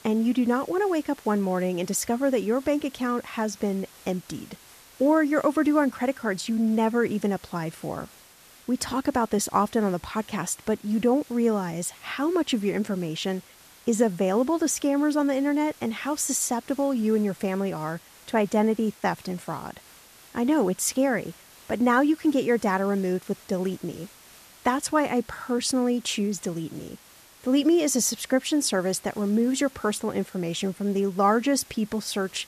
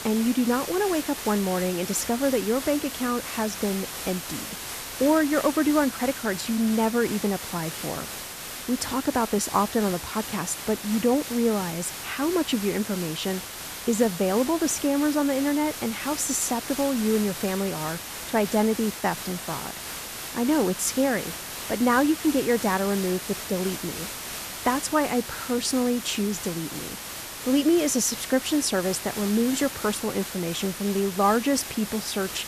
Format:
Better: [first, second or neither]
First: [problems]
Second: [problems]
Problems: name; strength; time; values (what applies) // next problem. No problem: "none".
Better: first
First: hiss; faint; throughout; 25 dB below the speech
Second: hiss; loud; throughout; 8 dB below the speech